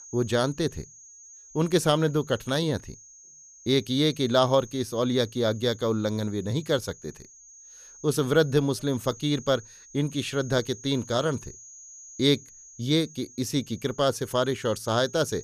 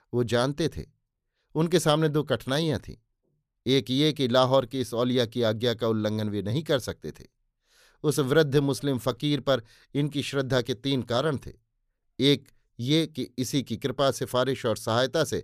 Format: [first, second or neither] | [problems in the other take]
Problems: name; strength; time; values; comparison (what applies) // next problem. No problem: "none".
second | high-pitched whine; noticeable; throughout; 6.5 kHz, 20 dB below the speech